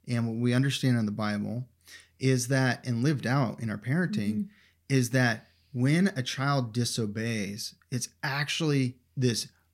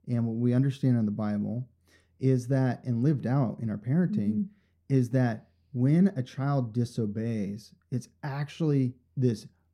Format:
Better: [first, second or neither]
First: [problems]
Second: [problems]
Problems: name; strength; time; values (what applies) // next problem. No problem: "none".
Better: first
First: none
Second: muffled; slightly; fading above 1 kHz